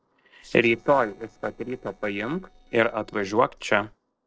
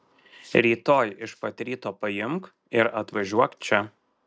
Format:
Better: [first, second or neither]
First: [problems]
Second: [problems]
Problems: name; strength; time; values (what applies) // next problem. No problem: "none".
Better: second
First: noise reduction (neural separator model SepFormer DNS4)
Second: none